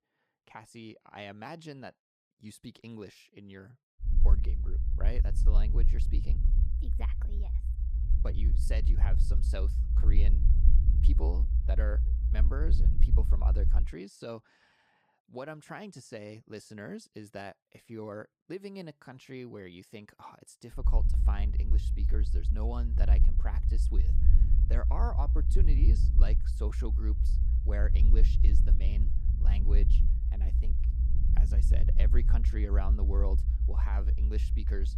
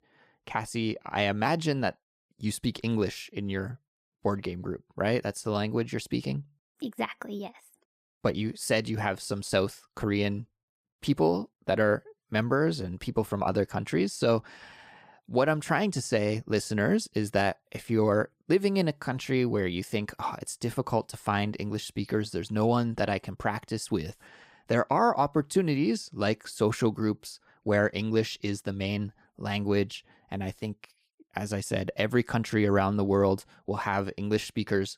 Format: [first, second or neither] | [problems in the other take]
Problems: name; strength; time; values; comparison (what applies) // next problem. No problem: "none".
second | low rumble; loud; from 4 to 14 s and from 21 s on; 5 dB below the speech